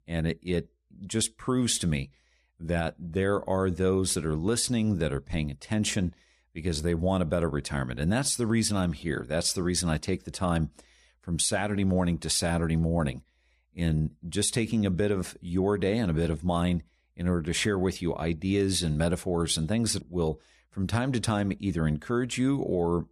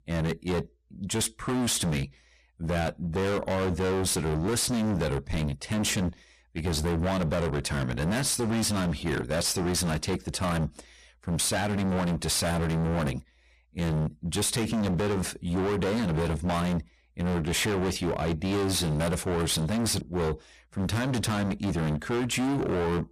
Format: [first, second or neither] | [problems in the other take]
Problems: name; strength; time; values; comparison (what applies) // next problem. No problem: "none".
first | distortion; heavy; 33% of the sound clipped